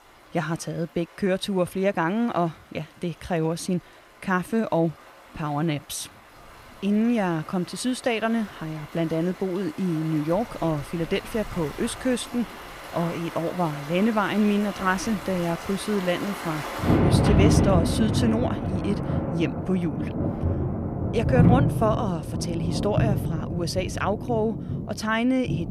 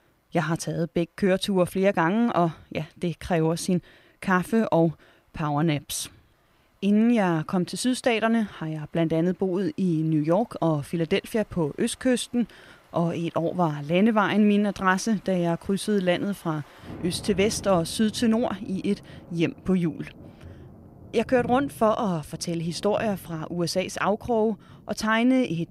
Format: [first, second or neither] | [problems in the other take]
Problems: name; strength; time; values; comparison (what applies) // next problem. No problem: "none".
second | rain or running water; loud; throughout; as loud as the speech; faint in the second